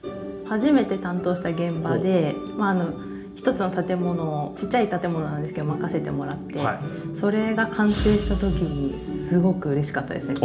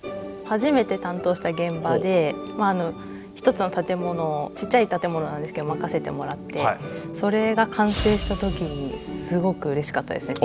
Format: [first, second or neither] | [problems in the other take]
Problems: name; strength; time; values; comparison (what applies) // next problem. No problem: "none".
second | room echo; dies away in 0.4 s